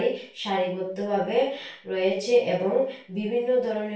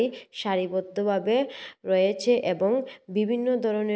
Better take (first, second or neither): second